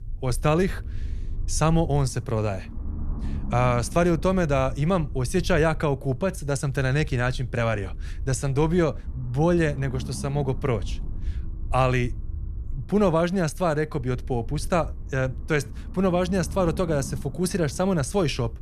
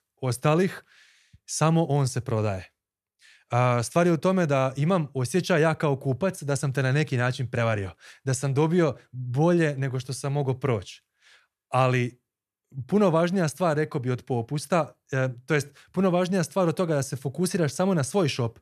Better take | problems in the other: second | low rumble; faint; throughout; 20 dB below the speech

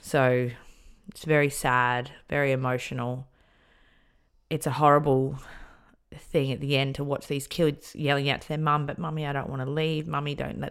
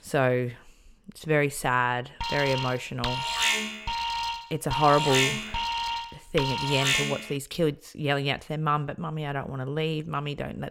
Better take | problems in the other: first | alarm; loud; from 2 to 7.5 s; peak 4 dB above the speech

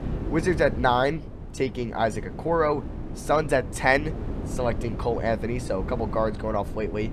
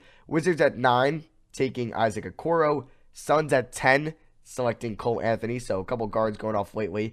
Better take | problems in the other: second | wind noise on the microphone; occasional gusts; 15 dB below the speech

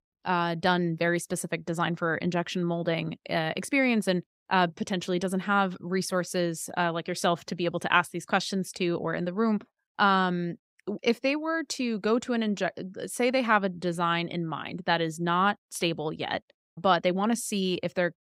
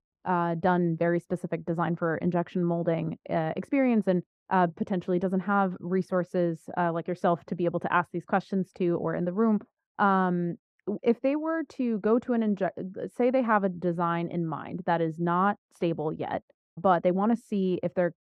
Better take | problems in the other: first | muffled; very; fading above 2.5 kHz

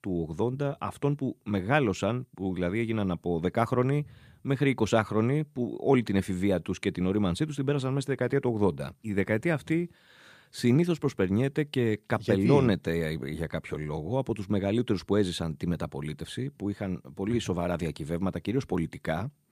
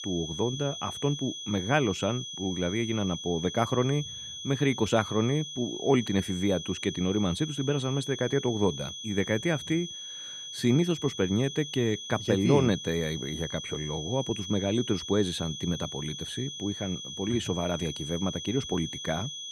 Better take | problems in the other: first | high-pitched whine; loud; throughout; 3.5 kHz, 8 dB below the speech

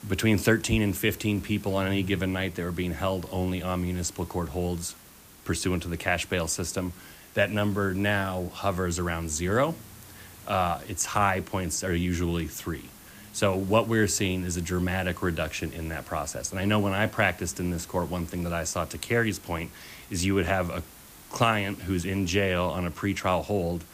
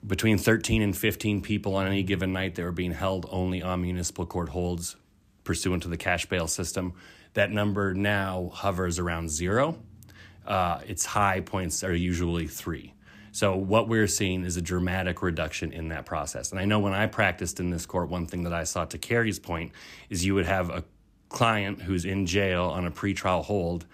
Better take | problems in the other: second | hiss; faint; throughout; 20 dB below the speech

